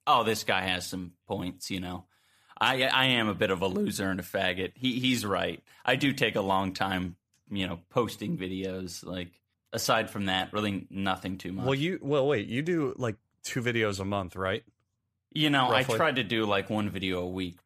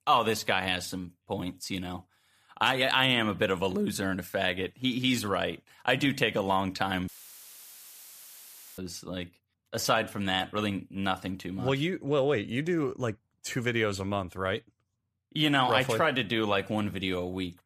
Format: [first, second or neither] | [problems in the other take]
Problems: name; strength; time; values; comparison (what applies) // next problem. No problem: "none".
first | audio cutting out; filled with static; at 7 s for 1.5 s